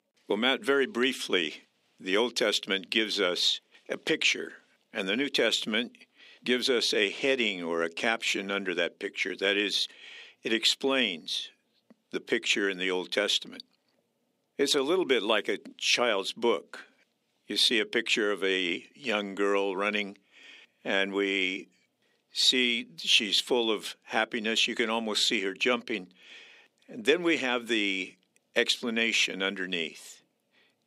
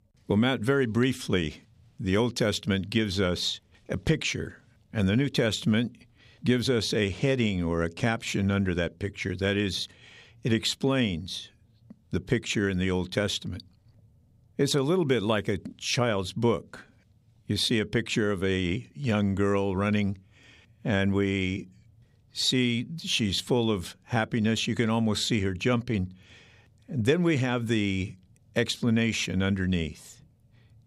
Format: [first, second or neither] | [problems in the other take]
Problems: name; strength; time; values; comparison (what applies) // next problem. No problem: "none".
second | thin; somewhat; fading below 300 Hz